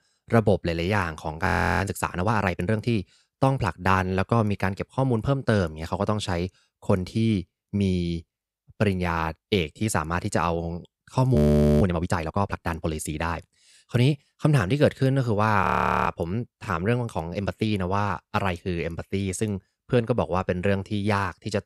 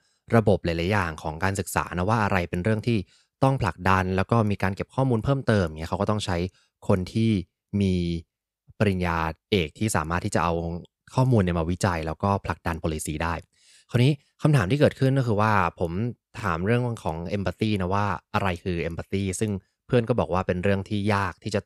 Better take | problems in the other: second | audio freezing; at 1.5 s, at 11 s and at 16 s

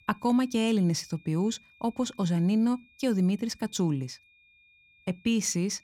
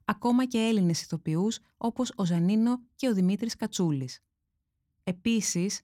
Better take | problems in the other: second | high-pitched whine; faint; throughout; 2.5 kHz, 30 dB below the speech

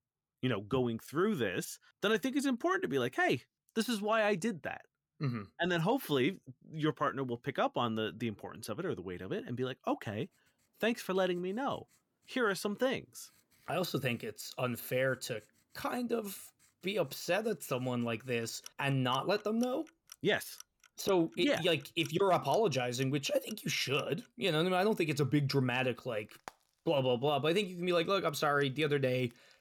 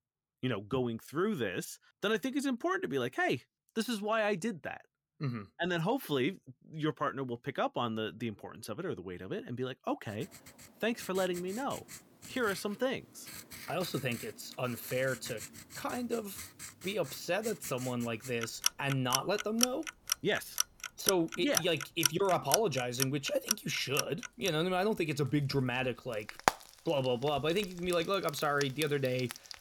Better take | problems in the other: first | household noises; loud; from 10 s on; 3 dB below the speech; faint in the first

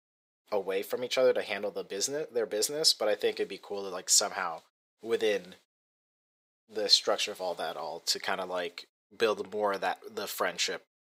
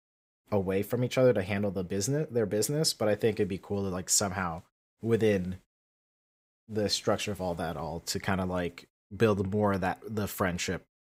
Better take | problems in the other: second | thin; very; fading below 500 Hz

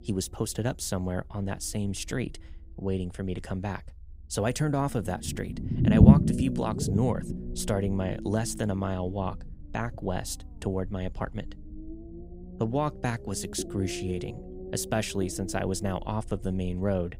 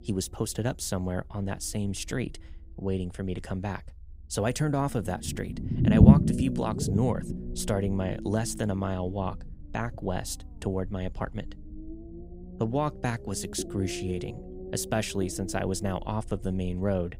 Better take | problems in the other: neither | low rumble; loud; throughout; 3 dB below the speech; the same in both

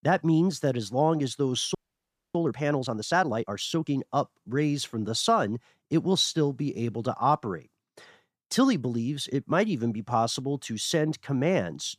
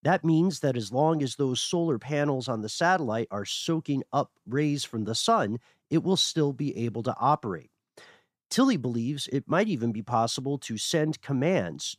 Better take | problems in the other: second | audio freezing; at 2 s for 0.5 s

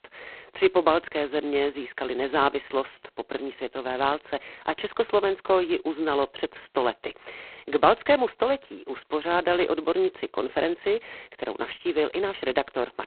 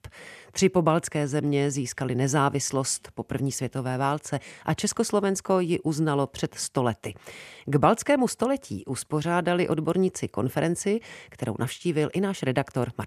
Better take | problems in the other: second | phone-call audio; poor line; nothing above 4 kHz

